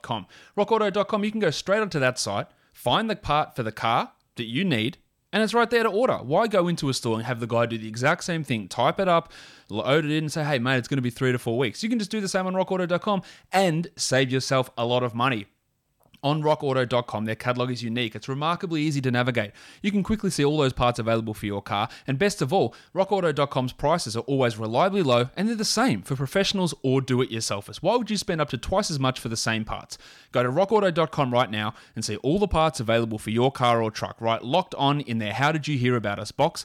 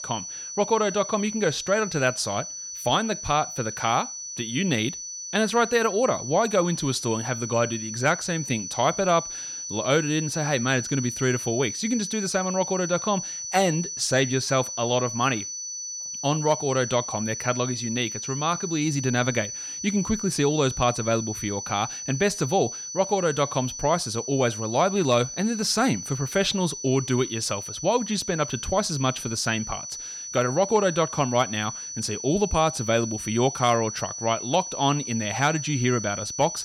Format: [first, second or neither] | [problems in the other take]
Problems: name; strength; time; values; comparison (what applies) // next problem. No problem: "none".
first | high-pitched whine; loud; throughout; 6 kHz, 7 dB below the speech